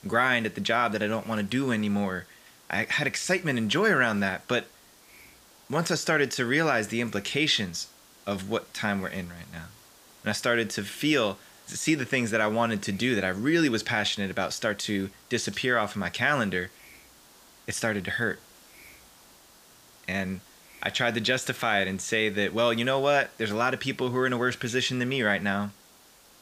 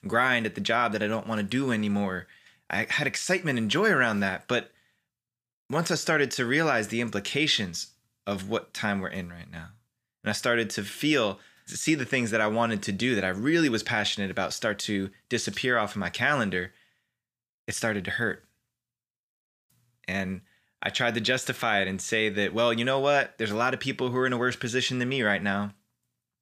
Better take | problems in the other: second | hiss; faint; throughout; 25 dB below the speech

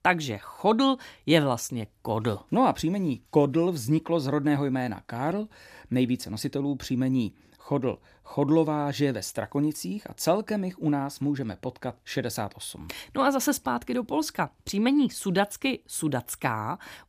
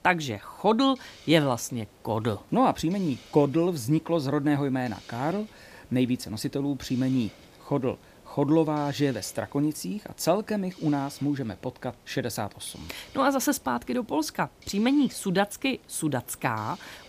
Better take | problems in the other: first | hiss; faint; throughout; 25 dB below the speech

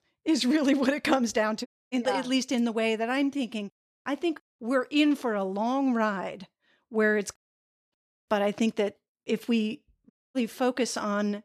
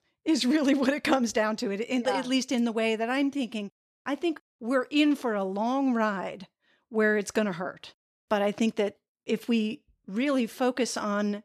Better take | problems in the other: second | audio cutting out; at 1.5 s, at 7.5 s for 0.5 s and at 10 s

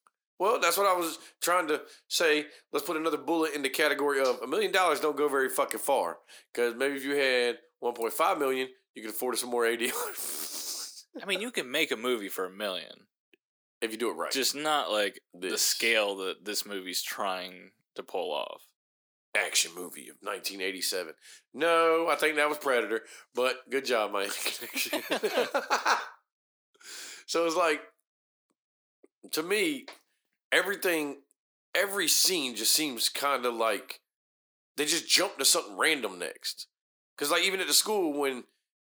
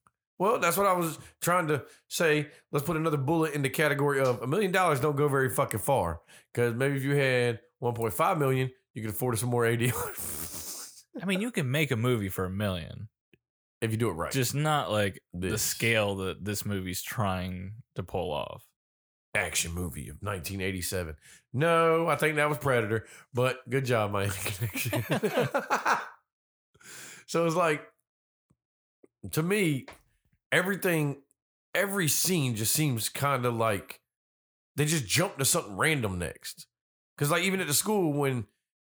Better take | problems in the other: second | thin; somewhat; fading below 250 Hz

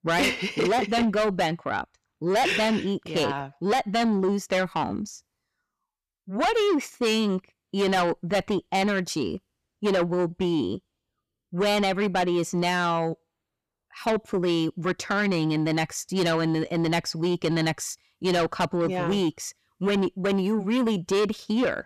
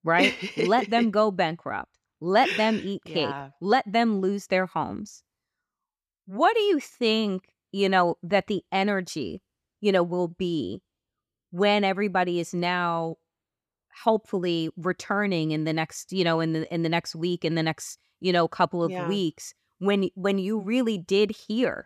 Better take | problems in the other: second | distortion; heavy; 7 dB below the speech

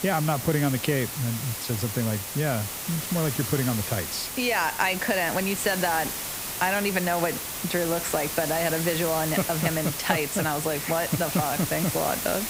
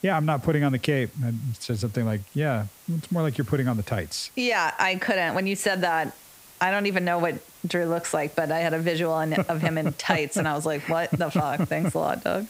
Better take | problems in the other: second | hiss; loud; throughout; 4 dB below the speech; faint in the second

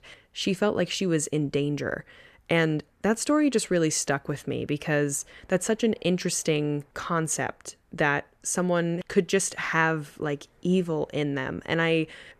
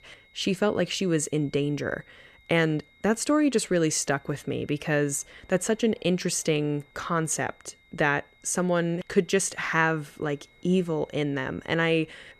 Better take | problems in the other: first | high-pitched whine; faint; throughout; 2 kHz, 30 dB below the speech

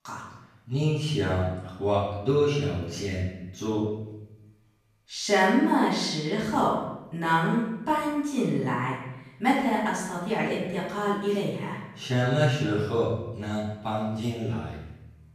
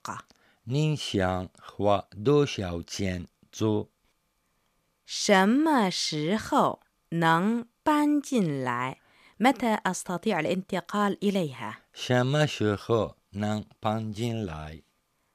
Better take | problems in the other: second | off-mic speech; far // room echo; noticeable; dies away in 0.9 s

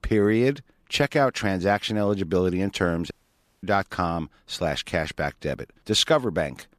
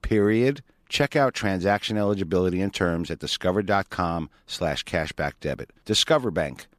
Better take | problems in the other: second | audio cutting out; at 3 s for 0.5 s

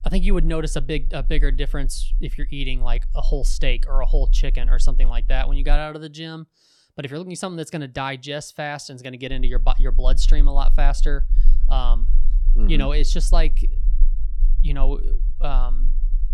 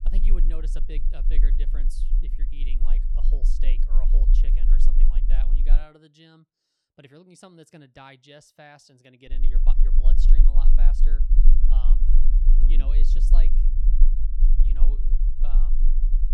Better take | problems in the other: first | low rumble; loud; until 6 s and from 9.5 s on; 4 dB below the speech; faint in the first

